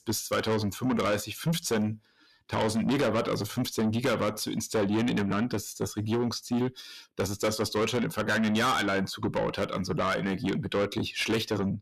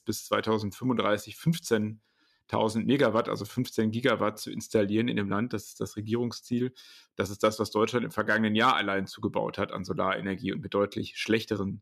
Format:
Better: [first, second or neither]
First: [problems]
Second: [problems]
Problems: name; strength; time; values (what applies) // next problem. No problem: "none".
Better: second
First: distortion; heavy; 6 dB below the speech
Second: none